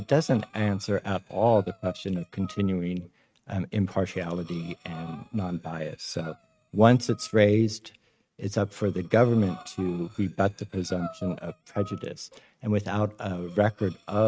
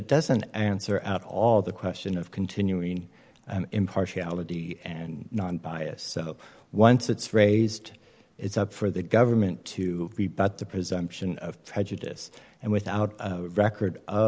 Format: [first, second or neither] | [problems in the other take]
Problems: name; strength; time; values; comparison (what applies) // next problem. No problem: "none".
second | noise reduction (neural mask model RNNoise)